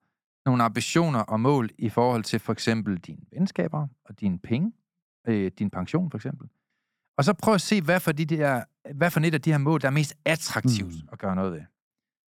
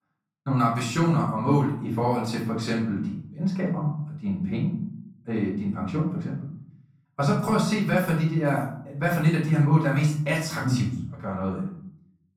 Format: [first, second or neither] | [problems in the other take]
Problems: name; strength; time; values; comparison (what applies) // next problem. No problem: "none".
first | off-mic speech; far // room echo; noticeable; dies away in 0.6 s